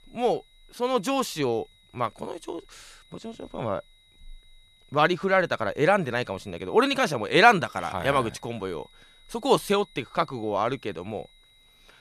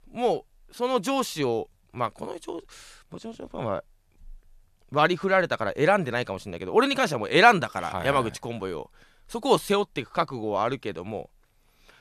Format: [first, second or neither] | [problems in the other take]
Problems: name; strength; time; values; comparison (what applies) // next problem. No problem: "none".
second | high-pitched whine; faint; throughout; 4 kHz, 30 dB below the speech